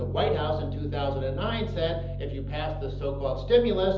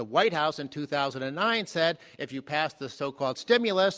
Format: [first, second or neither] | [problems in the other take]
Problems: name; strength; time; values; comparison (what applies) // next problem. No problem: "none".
second | background sound (Piano); 4 dB below the speech // room echo; dies away in 0.7 s